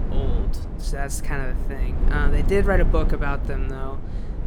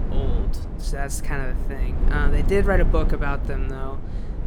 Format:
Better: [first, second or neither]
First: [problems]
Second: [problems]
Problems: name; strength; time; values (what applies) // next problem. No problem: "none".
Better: neither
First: wind noise on the microphone; occasional gusts; 10 dB below the speech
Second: wind noise on the microphone; occasional gusts; 10 dB below the speech